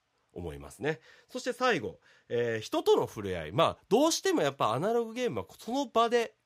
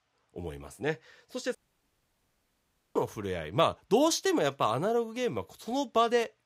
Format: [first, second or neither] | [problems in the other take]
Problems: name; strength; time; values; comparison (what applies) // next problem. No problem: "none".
first | audio cutting out; at 1.5 s for 1.5 s